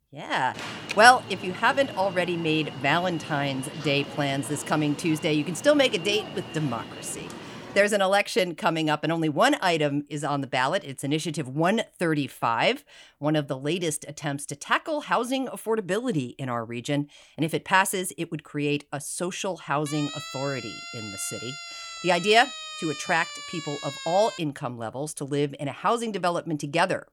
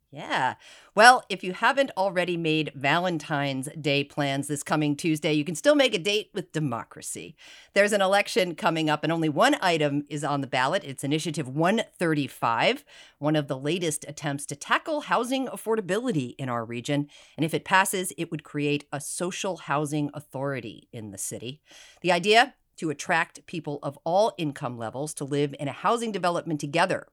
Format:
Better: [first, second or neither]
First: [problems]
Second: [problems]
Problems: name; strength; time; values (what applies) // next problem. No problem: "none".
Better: second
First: alarm; noticeable; from 0.5 to 8 s; peak 7 dB below the speech // siren; noticeable; from 20 to 24 s; peak 9 dB below the speech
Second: none